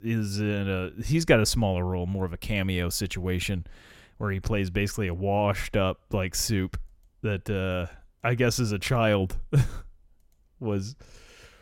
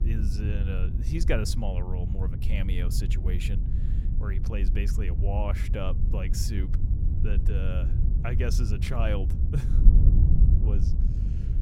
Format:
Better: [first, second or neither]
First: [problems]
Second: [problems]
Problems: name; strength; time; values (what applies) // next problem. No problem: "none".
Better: first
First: none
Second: wind noise on the microphone; heavy; 6 dB below the speech